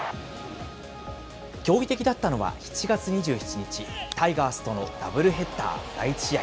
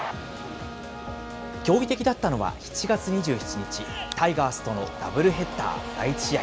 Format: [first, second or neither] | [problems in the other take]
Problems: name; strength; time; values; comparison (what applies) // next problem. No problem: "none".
first | background sound (Bowed string instrument); 14 dB below the speech